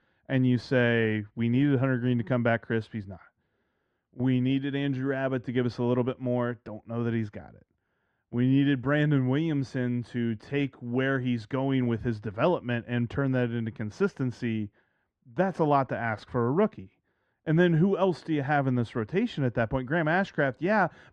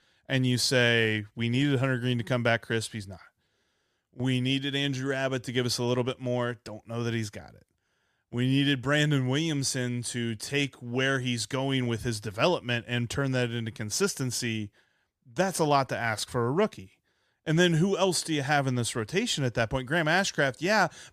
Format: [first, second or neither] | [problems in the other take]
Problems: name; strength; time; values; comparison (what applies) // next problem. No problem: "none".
second | muffled; very; fading above 1.5 kHz